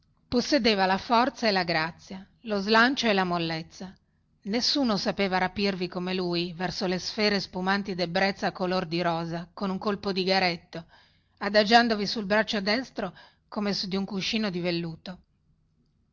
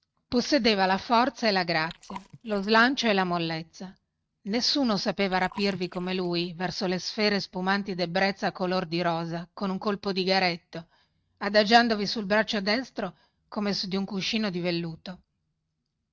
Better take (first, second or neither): first